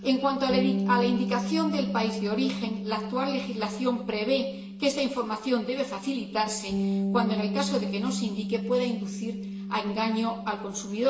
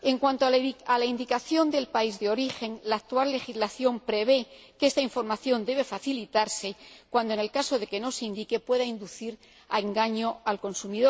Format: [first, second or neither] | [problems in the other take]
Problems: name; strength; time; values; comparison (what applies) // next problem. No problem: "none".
second | background sound (Bass guitar); 4 dB below the speech // room echo; dies away in 0.8 s